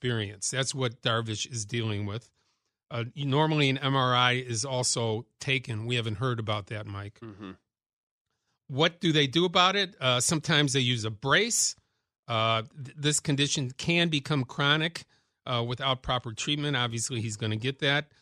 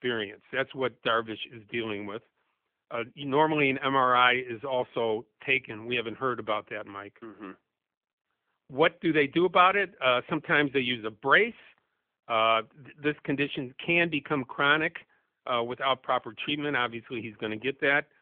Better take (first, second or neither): first